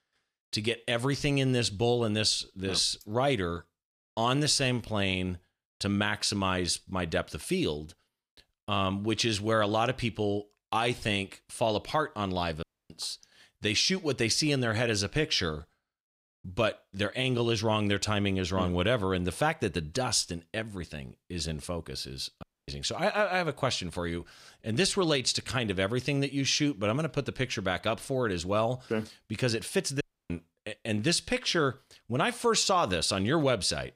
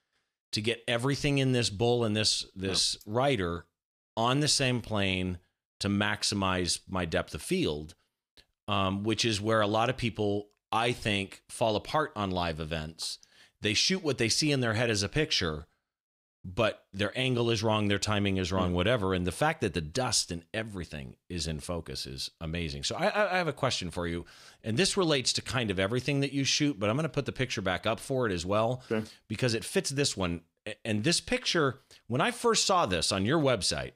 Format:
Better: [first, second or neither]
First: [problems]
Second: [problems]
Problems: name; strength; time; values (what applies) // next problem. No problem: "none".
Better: second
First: audio cutting out; at 13 s, at 22 s and at 30 s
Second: none